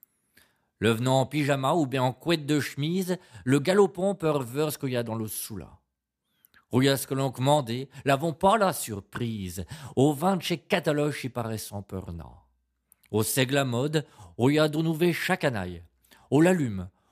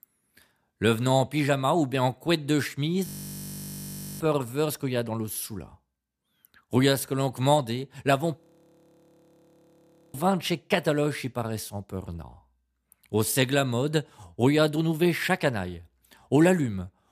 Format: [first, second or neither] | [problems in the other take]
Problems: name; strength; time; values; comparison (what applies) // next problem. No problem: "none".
first | audio freezing; at 3 s for 1 s and at 8.5 s for 1.5 s